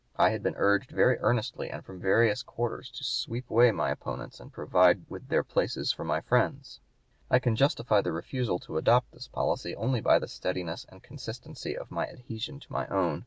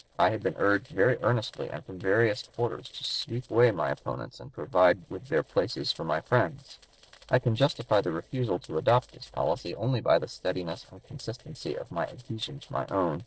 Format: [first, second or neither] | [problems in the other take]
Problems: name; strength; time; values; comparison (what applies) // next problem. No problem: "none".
first | noise reduction (neural separator model SepFormer DNS4)